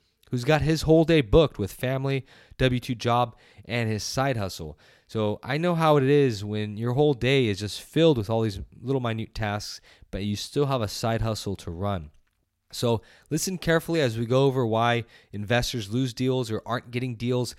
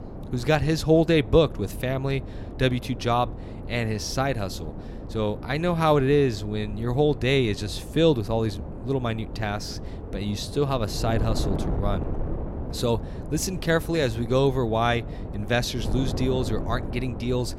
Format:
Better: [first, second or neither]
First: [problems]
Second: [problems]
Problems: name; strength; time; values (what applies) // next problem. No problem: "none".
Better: first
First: none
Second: wind noise on the microphone; occasional gusts; 15 dB below the speech